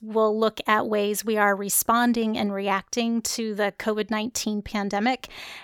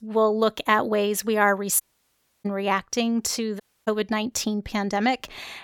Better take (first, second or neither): first